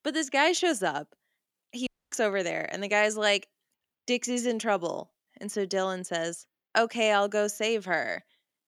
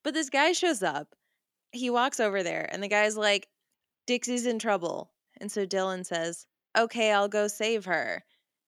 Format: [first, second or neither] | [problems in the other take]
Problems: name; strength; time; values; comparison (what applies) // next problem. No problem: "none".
second | audio cutting out; at 2 s